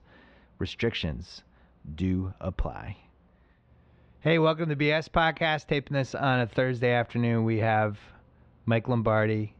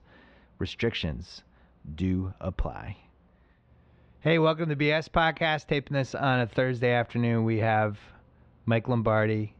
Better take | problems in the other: neither | muffled; slightly; fading above 3 kHz; the same in both

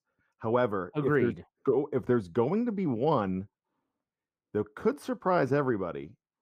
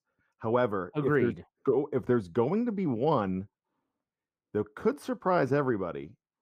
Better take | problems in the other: neither | muffled; slightly; fading above 2 kHz; the same in both

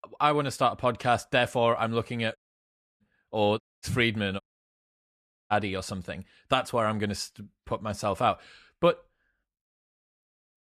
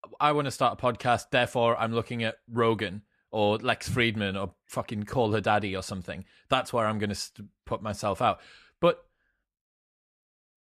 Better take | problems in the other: second | audio cutting out; at 2.5 s for 0.5 s, at 3.5 s and at 4.5 s for 1 s

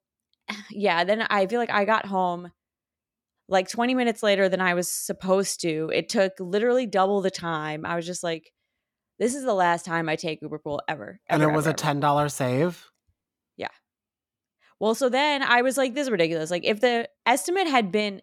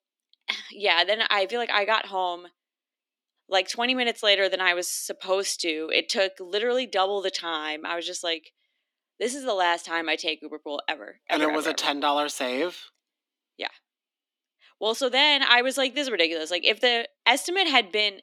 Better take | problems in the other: first | thin; very slightly; fading below 250 Hz

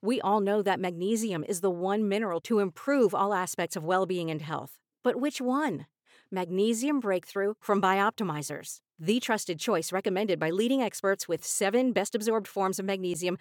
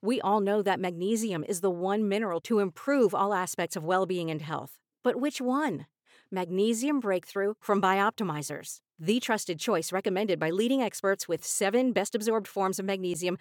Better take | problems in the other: neither | none

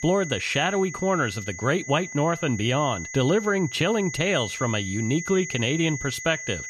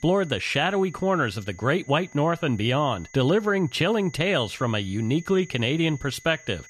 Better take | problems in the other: second | high-pitched whine; loud; throughout; 2 kHz, 9 dB below the speech; faint in the second

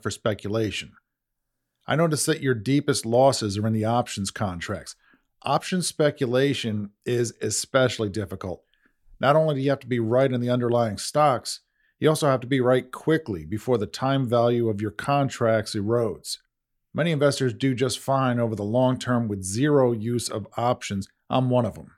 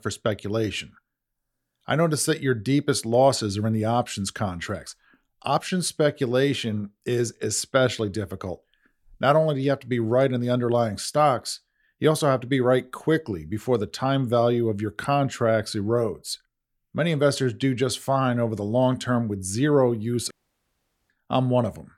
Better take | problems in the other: first | audio cutting out; at 20 s for 1 s

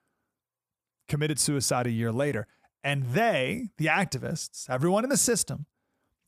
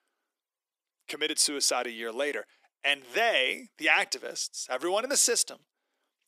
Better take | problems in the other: first | thin; very; fading below 300 Hz

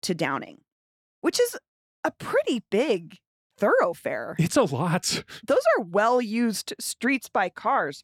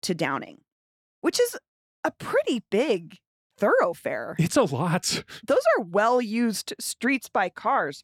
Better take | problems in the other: neither | none

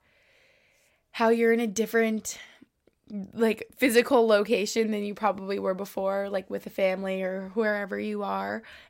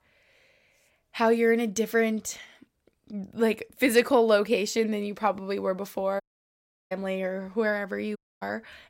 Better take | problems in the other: first | audio cutting out; at 6 s for 0.5 s and at 8 s

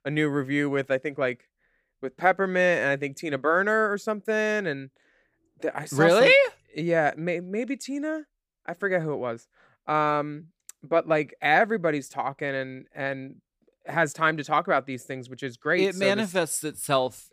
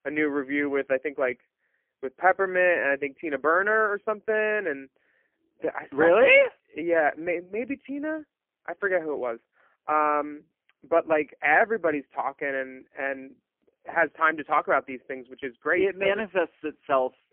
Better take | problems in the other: first | phone-call audio; poor line; nothing above 2.5 kHz

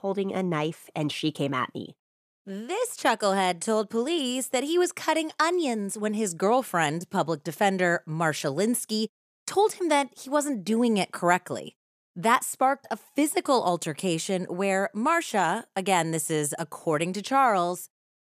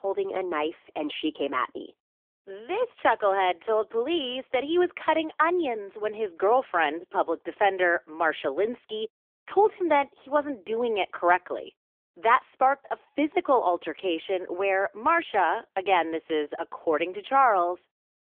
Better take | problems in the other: first | phone-call audio; nothing above 3.5 kHz

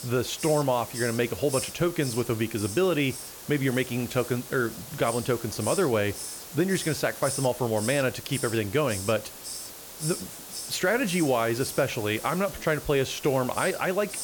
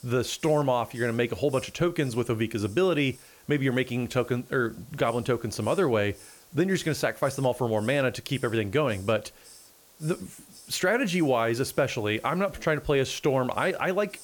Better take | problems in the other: second | hiss; loud; throughout; 9 dB below the speech; faint in the second

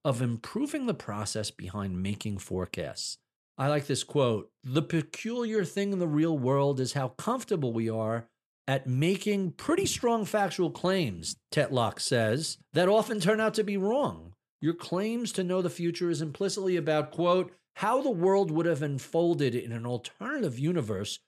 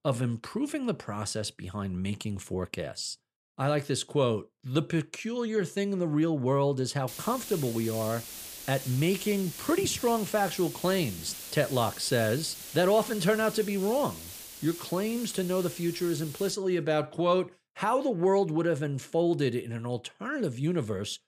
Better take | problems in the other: first | hiss; noticeable; from 7 to 17 s; 10 dB below the speech

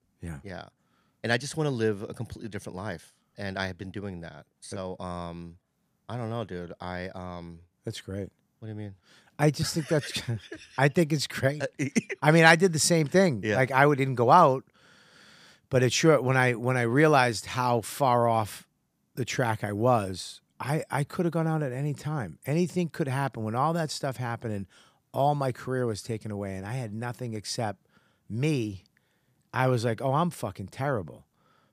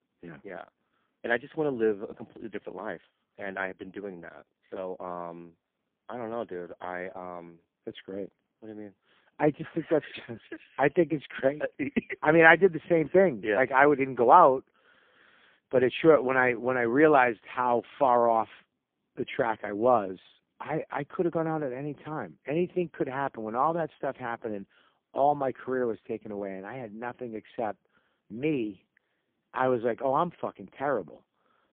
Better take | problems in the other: first | phone-call audio; poor line

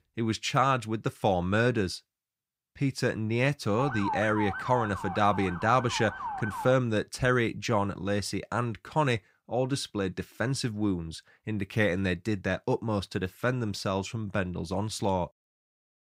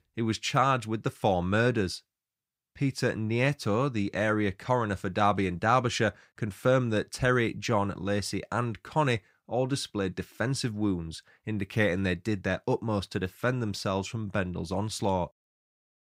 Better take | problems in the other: second | siren; noticeable; from 4 to 6.5 s; peak 4 dB below the speech

